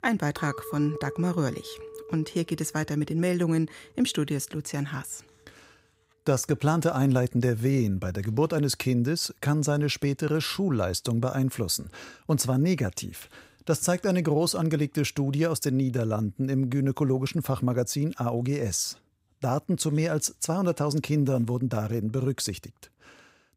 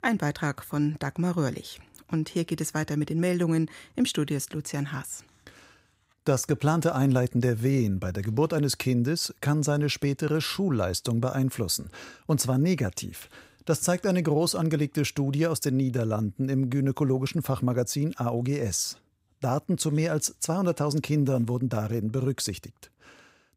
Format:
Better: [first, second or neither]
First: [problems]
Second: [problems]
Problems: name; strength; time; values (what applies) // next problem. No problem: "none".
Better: second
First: clattering dishes; faint; until 3.5 s; peak 10 dB below the speech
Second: none